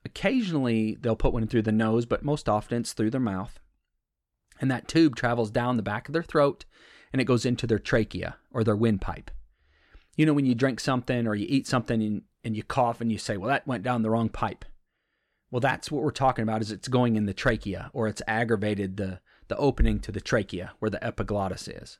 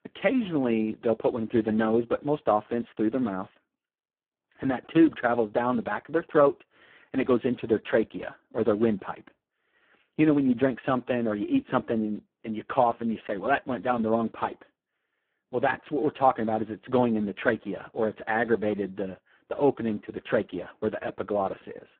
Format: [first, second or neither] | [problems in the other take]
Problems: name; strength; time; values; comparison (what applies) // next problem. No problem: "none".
first | phone-call audio; poor line